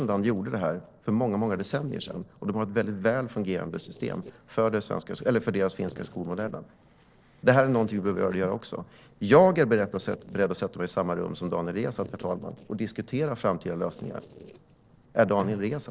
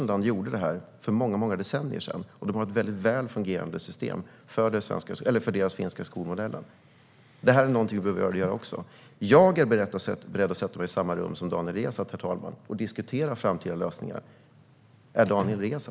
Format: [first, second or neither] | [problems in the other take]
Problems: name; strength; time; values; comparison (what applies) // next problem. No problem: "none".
second | noise reduction (neural separator model SepFormer DNS4)